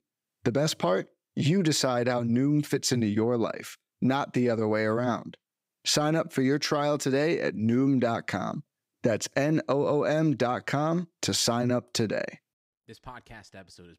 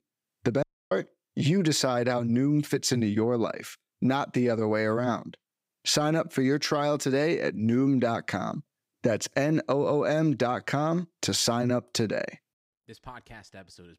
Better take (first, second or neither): first